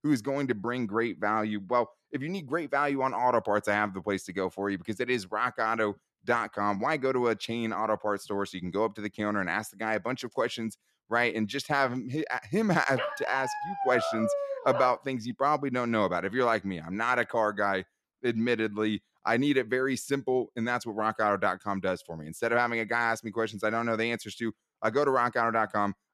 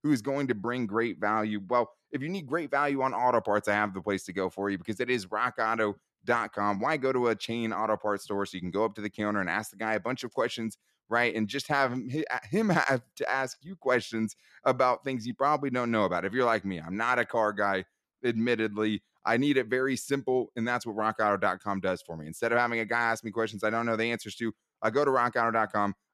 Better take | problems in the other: second | dog barking; noticeable; from 13 to 15 s; peak 1 dB below the speech

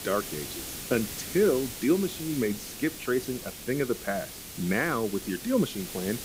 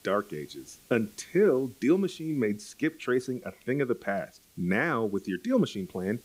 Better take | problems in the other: second | hiss; loud; throughout; 8 dB below the speech; faint in the second

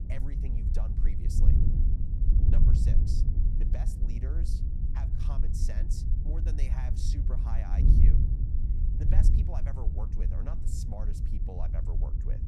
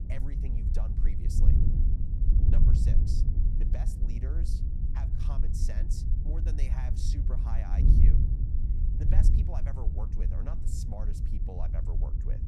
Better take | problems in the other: neither | wind noise on the microphone; heavy; 2 dB above the speech; the same in both

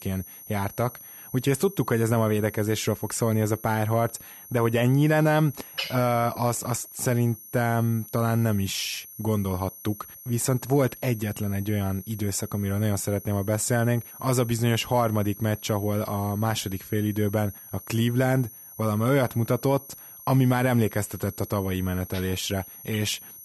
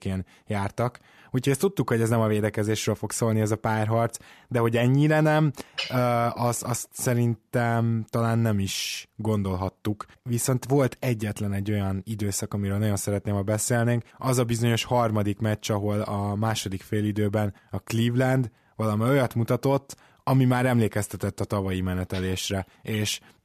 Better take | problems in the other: second | high-pitched whine; noticeable; throughout; 11.5 kHz, 15 dB below the speech

